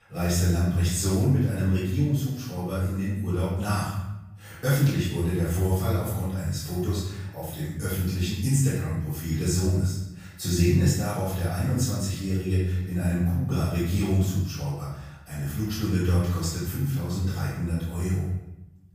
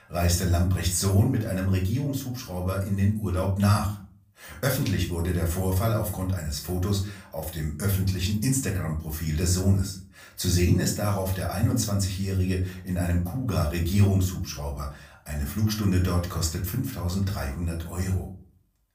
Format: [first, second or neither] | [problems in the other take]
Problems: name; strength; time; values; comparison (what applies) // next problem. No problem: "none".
second | room echo; strong; dies away in 0.9 s; slight in the second // off-mic speech; far; far in the second